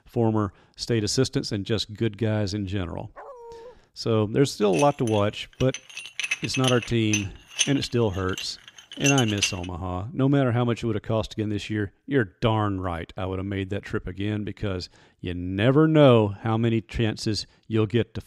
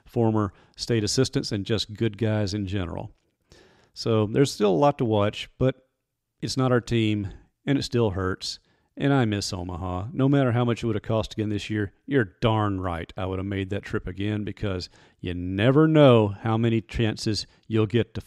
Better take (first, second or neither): second